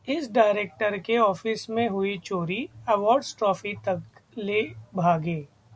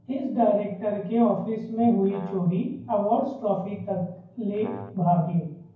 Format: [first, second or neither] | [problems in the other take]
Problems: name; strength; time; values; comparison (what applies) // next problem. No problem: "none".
first | background sound (Brass instrument); 15 dB below the speech // room echo; dies away in 0.9 s